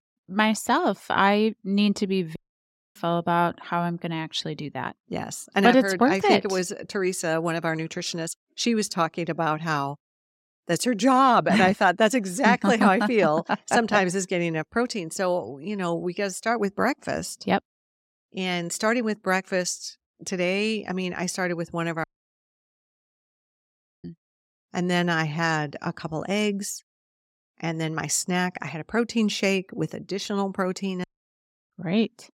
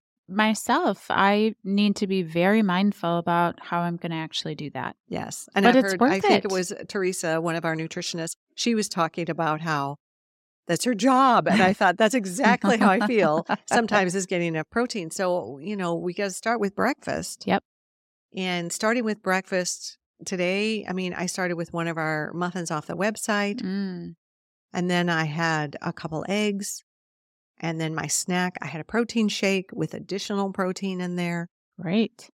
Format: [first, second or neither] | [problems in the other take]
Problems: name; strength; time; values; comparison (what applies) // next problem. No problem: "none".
second | audio cutting out; at 2.5 s for 0.5 s, at 22 s for 2 s and at 31 s for 0.5 s